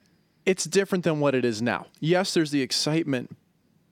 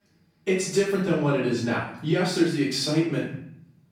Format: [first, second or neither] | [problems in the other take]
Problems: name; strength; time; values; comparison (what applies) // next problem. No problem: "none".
first | off-mic speech; far // room echo; noticeable; dies away in 0.6 s